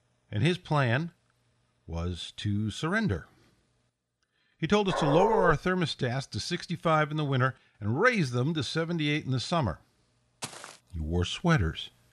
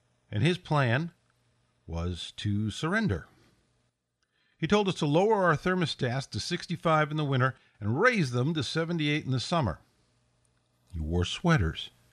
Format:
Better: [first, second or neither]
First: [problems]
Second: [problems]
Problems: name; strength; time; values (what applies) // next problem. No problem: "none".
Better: second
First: dog barking; loud; at 5 s; peak 2 dB above the speech // footsteps; faint; at 10 s; peak 10 dB below the speech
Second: none